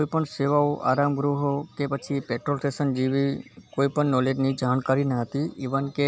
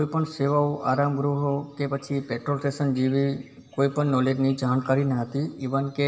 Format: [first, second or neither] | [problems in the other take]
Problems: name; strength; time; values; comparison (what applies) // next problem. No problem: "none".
first | room echo; dies away in 0.7 s